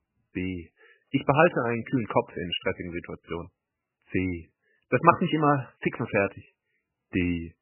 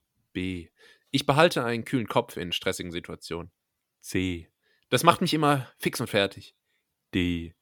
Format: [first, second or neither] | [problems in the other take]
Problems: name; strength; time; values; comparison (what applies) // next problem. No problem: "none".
second | garbled, watery; badly; nothing above 3 kHz